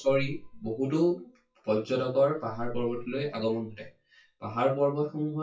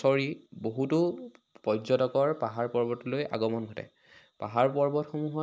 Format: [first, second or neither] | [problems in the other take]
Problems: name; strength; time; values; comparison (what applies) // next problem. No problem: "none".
second | noise reduction (classical method WPE with log-MMSE)